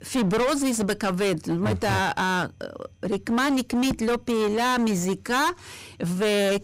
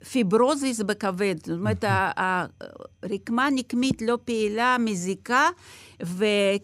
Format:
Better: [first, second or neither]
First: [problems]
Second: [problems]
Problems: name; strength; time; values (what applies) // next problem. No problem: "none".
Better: second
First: distortion; heavy; 29% of the sound clipped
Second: none